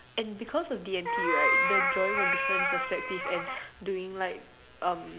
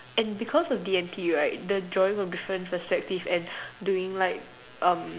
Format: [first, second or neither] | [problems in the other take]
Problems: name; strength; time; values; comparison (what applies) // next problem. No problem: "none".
second | background sound (Meow); 3 dB above the speech